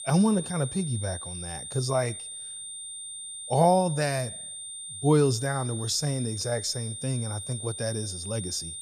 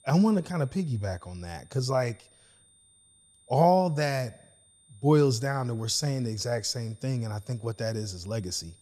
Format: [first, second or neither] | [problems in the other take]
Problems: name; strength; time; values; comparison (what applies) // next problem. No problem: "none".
second | high-pitched whine; loud; throughout; 9 kHz, 8 dB below the speech; faint in the second